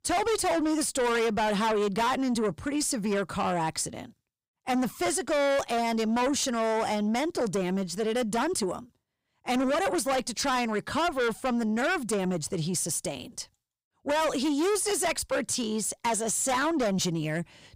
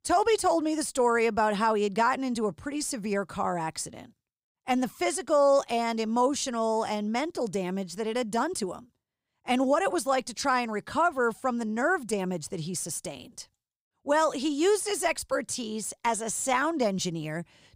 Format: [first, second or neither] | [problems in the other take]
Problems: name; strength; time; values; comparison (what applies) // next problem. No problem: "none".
second | distortion; heavy; 7 dB below the speech